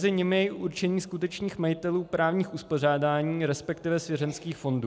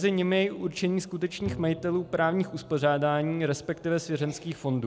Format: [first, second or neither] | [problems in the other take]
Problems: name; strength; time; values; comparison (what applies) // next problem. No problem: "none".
first | background sound (Bowed string instrument); 17 dB below the speech